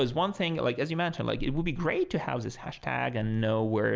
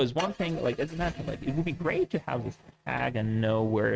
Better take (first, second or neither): first